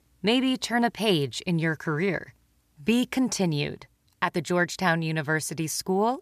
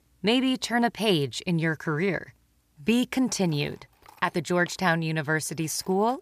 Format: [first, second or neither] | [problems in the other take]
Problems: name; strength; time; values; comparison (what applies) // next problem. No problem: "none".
first | machinery noise; faint; from 4 s on; 25 dB below the speech